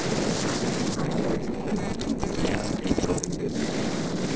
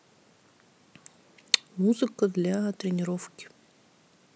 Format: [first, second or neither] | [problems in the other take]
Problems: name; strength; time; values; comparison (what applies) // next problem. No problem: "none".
second | noise reduction (neural separator model SepFormer DNS4)